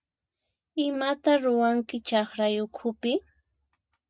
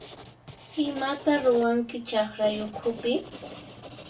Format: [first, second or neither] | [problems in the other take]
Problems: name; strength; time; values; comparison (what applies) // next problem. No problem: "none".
first | background sound (Writing); 15 dB below the speech // room echo; dies away in 0.2 s